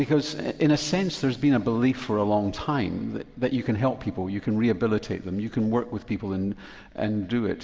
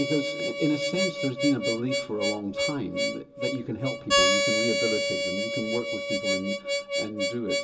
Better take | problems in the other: first | background sound (Harmonica); 3 dB above the speech // room echo; dies away in 0.2 s

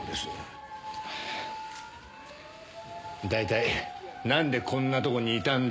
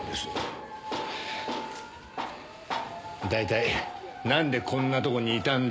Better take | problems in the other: first | background sound (Tools); 9 dB below the speech

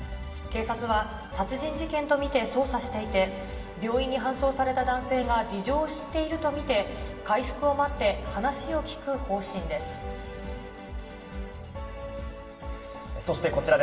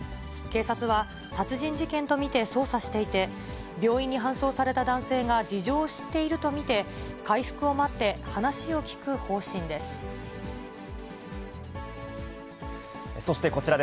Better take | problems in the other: second | room echo; dies away in 1.8 s

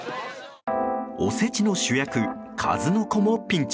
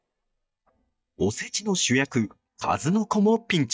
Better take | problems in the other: first | noise reduction (neural mask model DeepFilterNet 3)

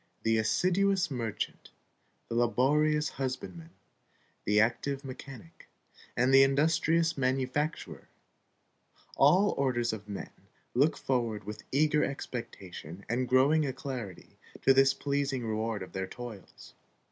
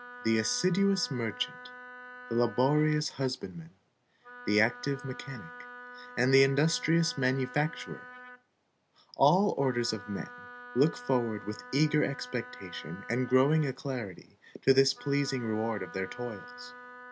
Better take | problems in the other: first | background sound (Wind instrument, woodwind instrument); 17 dB below the speech

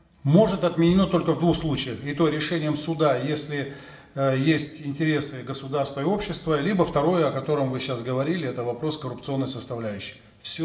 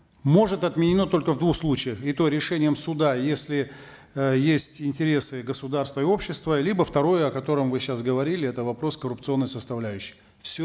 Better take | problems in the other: second | room echo; dies away in 2 s

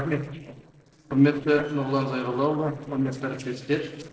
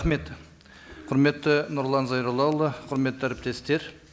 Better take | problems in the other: second | noise reduction (neural separator model SepFormer DNS4)

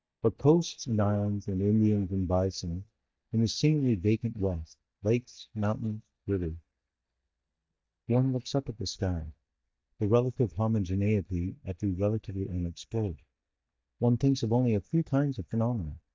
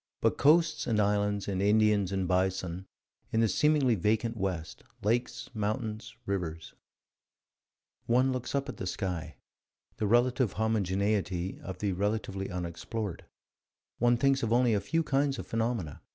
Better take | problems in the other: second | noise reduction (neural mask model DeepFilterNet 3)

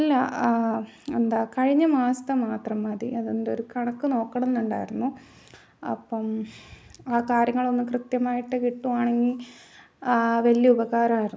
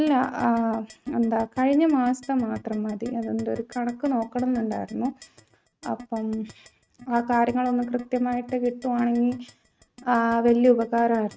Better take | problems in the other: first | noise reduction (neural mask model RNNoise)

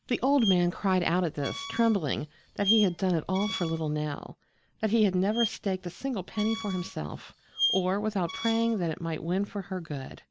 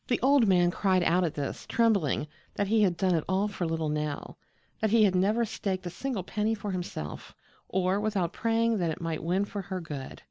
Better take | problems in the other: second | background sound (Squeak); 9 dB below the speech

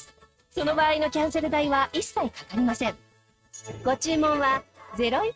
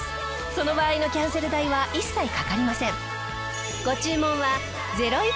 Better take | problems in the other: second | noise reduction (neural mask model RNNoise)

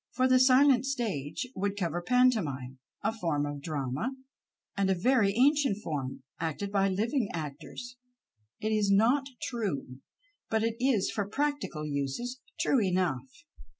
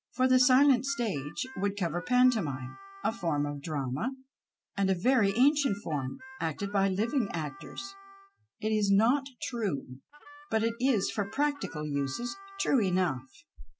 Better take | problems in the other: first | background sound (Harmonica); 20 dB below the speech

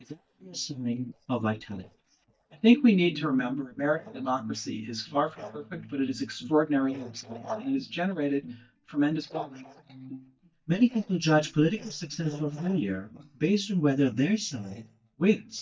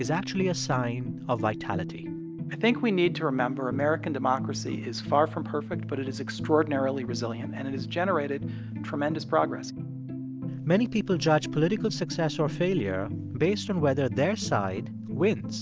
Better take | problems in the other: second | noise reduction (neural mask model DeepFilterNet 3)

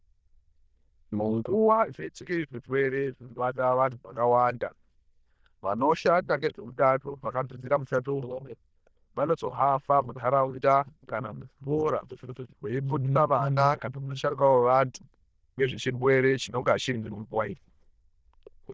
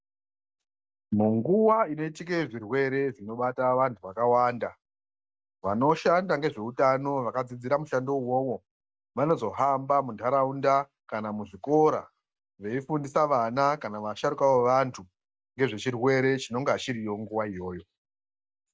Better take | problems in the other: second | noise reduction (neural diffusion model UNIVERSE++)

